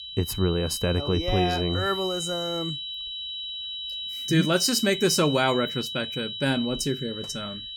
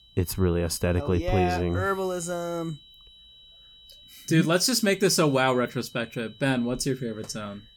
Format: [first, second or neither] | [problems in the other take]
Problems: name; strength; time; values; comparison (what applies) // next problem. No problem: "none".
second | high-pitched whine; loud; throughout; 4 kHz, 6 dB below the speech; faint in the second